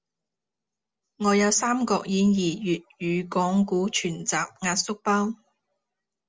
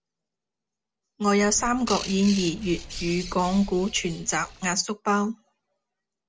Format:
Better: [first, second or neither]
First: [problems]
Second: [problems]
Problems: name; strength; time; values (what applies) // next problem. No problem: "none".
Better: first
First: none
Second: background sound (Bird); 11 dB below the speech